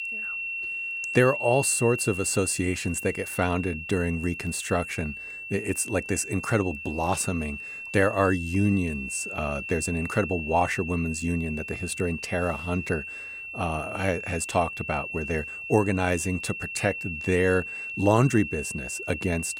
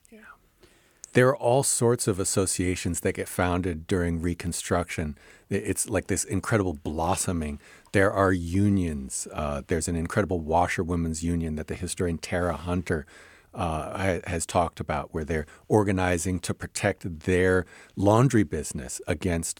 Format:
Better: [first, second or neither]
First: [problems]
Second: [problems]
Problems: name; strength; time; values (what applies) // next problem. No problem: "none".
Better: second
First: high-pitched whine; loud; throughout; 2.5 kHz, 7 dB below the speech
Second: none